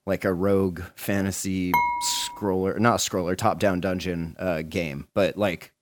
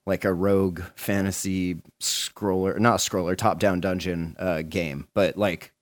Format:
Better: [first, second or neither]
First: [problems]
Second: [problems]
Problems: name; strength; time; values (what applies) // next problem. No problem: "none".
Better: second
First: clattering dishes; loud; at 1.5 s; peak 2 dB above the speech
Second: none